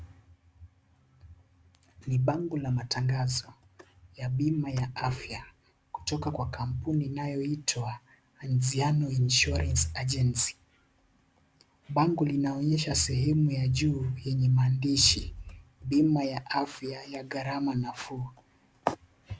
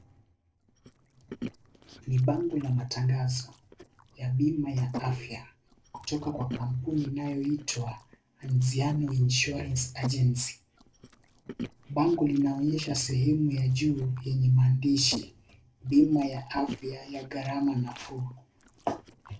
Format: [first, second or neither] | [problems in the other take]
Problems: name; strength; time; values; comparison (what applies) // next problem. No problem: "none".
first | noise reduction (neural separator model SepFormer DNS4)